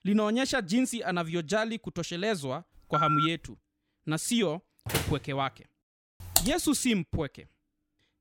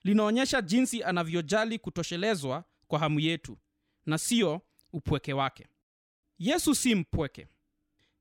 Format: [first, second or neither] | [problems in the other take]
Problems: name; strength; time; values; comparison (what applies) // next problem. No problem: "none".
second | phone ringing; loud; at 3 s; peak 3 dB above the speech // door banging; noticeable; at 5 s; peak 2 dB below the speech // keyboard typing; loud; at 6.5 s; peak 3 dB above the speech